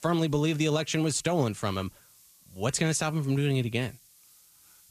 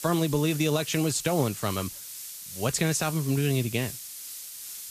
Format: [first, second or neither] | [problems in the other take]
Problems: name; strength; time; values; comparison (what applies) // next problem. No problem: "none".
first | hiss; loud; throughout; 10 dB below the speech; faint in the first